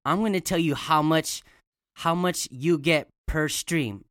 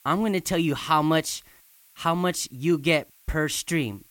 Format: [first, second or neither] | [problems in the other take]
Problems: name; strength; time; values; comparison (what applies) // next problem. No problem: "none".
first | hiss; faint; throughout; 30 dB below the speech